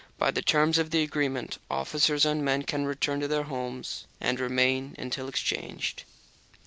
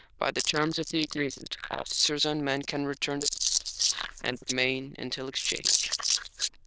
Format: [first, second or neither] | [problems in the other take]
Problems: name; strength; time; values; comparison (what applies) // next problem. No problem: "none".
first | noise reduction (neural diffusion model UNIVERSE++)